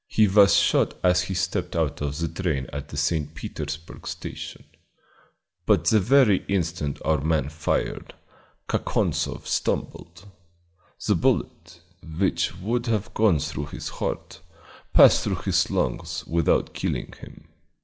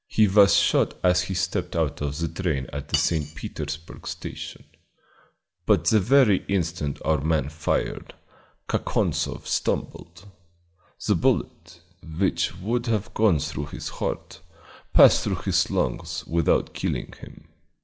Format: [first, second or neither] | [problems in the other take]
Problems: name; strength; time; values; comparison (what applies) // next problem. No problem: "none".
first | background sound (Cutlery, silverware); 14 dB below the speech